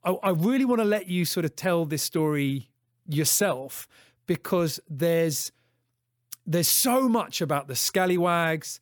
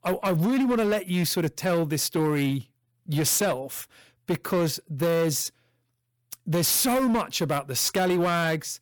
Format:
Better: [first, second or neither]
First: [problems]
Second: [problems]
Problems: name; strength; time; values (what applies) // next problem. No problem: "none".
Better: first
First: none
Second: distortion; slight; 13% of the sound clipped